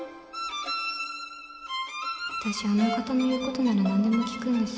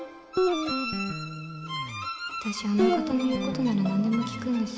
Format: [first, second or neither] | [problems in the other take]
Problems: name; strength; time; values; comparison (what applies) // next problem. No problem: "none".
first | background sound (Guitar); 2 dB below the speech